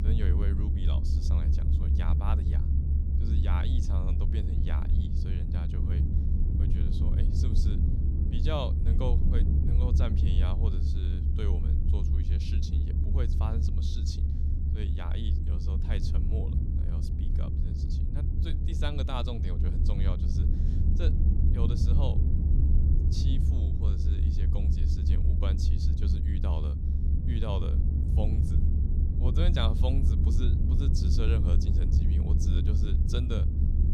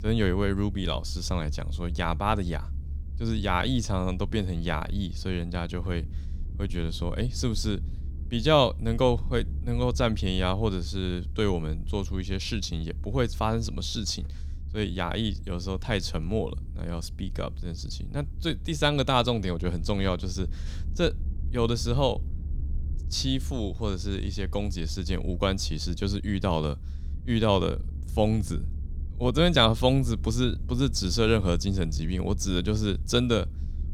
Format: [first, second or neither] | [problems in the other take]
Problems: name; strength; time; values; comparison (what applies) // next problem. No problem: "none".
second | low rumble; loud; throughout; 1 dB below the speech; faint in the second